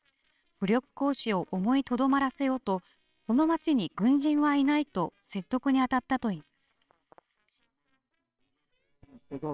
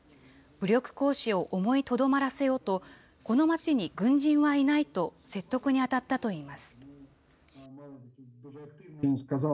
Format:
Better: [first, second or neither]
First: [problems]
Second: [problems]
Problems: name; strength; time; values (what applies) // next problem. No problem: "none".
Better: second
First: noise reduction (neural separator model SepFormer WHAMR!)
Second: none